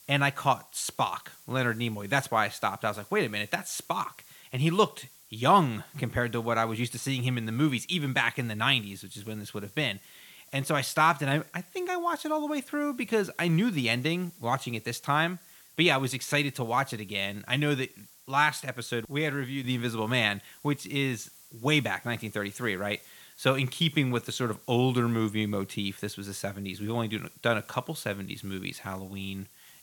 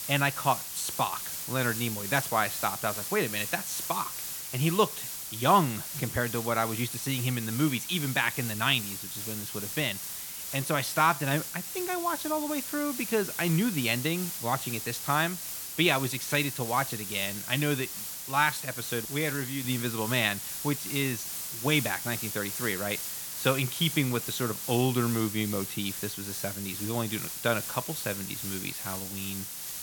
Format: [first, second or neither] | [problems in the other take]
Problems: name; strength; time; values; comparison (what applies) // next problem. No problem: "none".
first | hiss; loud; throughout; 5 dB below the speech; faint in the first